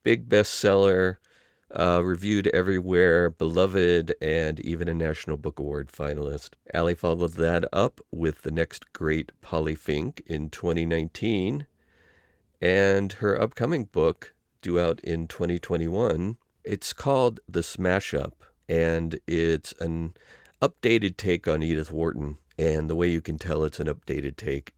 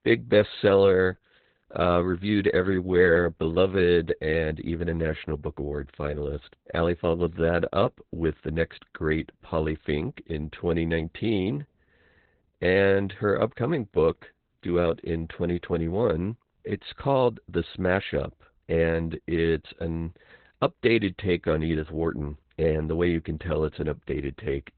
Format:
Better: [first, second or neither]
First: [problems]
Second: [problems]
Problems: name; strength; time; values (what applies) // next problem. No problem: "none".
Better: first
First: garbled, watery; slightly; nothing above 18.5 kHz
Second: garbled, watery; badly; nothing above 4 kHz